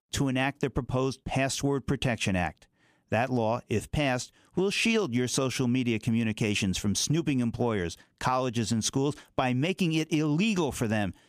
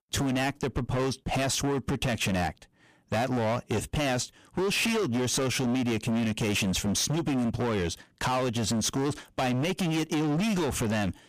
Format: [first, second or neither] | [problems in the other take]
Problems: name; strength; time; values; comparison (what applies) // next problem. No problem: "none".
first | distortion; heavy; 30% of the sound clipped